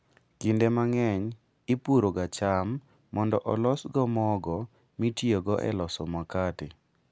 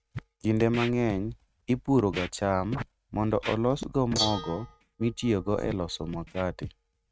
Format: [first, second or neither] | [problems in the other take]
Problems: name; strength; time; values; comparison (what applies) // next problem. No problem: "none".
first | noise reduction (neural mask model RNNoise)